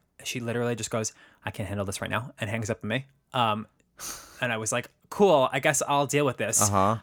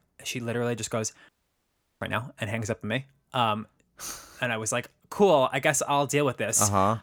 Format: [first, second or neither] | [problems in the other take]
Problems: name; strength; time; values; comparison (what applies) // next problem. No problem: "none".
first | audio cutting out; at 1.5 s for 0.5 s